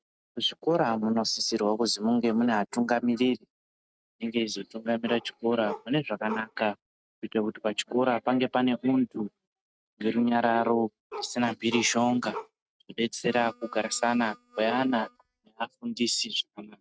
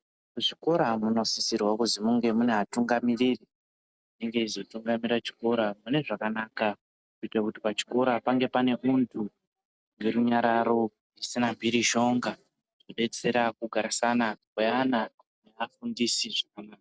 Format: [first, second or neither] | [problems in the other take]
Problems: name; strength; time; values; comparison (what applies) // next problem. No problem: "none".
second | noise reduction (neural mask model RNNoise)